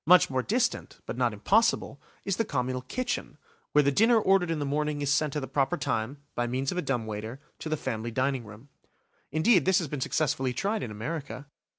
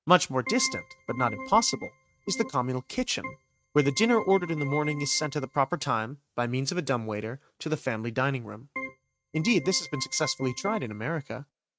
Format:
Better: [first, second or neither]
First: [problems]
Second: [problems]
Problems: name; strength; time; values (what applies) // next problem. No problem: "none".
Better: first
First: none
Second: noise reduction (neural mask model RNNoise)